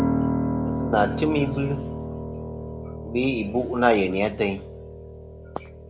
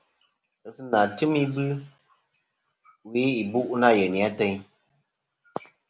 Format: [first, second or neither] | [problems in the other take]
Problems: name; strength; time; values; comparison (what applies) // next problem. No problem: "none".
second | background sound (Piano); 3 dB below the speech